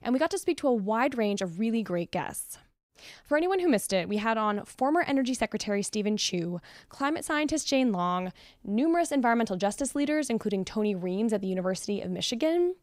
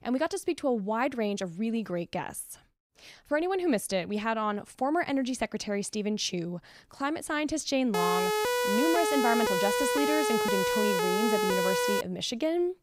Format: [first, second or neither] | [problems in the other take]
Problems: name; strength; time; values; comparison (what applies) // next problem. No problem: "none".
first | siren; loud; from 8 to 12 s; peak 3 dB above the speech